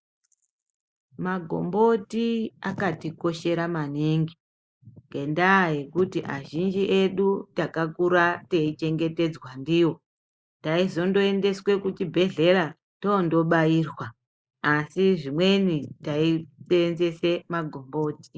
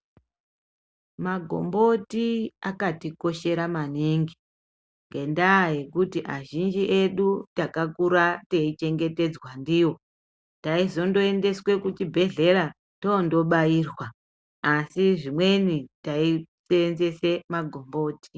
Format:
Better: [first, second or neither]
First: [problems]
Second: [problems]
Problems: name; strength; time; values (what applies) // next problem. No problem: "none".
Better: second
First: noise reduction (neural mask model Resemble Enhance denoiser)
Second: none